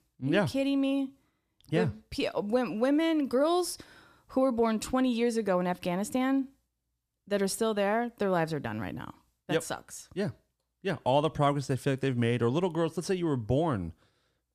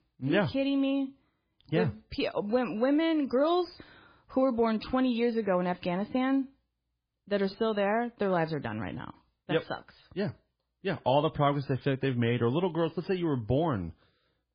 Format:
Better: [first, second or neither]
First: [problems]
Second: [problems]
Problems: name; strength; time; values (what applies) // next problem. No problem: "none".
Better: first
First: none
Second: garbled, watery; badly